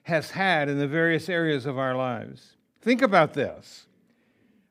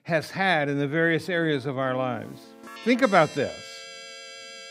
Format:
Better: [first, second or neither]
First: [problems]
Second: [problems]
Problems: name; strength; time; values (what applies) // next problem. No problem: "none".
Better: first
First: none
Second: background music; noticeable; from 1 s on; 15 dB below the speech